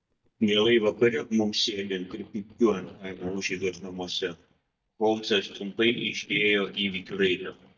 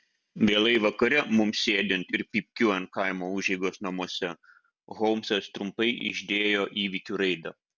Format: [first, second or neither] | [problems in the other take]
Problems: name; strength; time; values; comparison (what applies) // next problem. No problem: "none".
second | noise reduction (neural mask model DeepFilterNet 3)